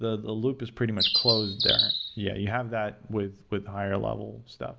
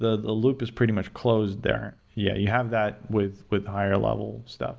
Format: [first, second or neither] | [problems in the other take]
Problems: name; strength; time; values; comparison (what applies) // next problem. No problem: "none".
second | background sound (Bird); 4 dB above the speech